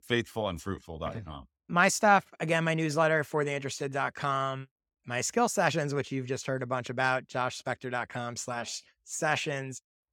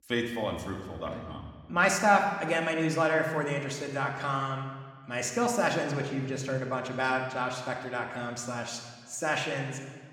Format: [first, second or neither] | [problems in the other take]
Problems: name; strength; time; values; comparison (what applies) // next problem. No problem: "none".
first | room echo; slight; dies away in 1.4 s // off-mic speech; somewhat distant